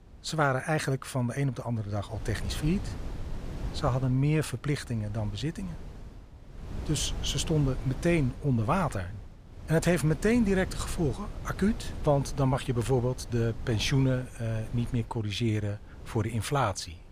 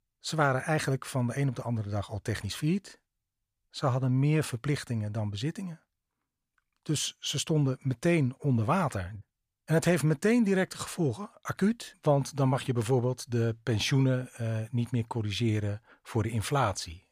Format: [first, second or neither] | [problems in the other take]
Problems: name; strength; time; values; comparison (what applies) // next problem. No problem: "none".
second | wind noise on the microphone; occasional gusts; 15 dB below the speech